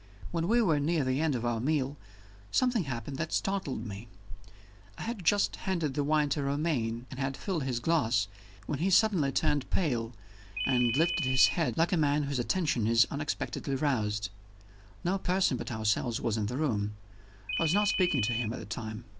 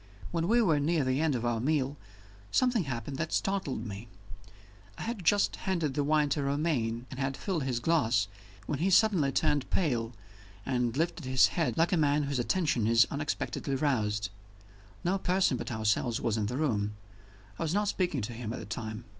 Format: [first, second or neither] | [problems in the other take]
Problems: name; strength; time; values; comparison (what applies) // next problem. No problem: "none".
second | background sound (Ringtone); 3 dB below the speech